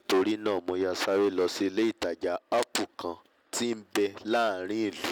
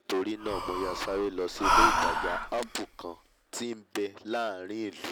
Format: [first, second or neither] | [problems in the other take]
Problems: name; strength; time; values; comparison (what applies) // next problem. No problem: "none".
first | background sound (Breathing); 3 dB above the speech